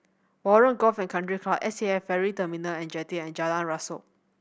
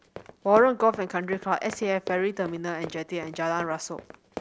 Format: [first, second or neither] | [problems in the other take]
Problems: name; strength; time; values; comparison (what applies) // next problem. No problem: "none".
first | background sound (Run); 15 dB below the speech